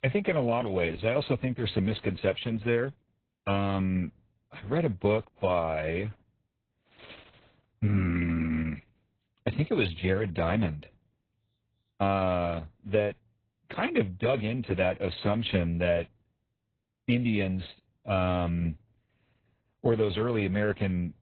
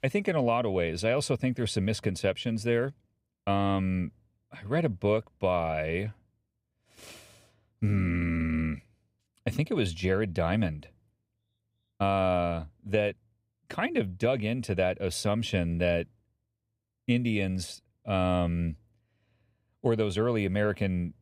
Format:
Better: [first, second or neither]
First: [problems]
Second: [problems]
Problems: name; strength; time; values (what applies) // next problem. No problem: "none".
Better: second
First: garbled, watery; badly; nothing above 4 kHz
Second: none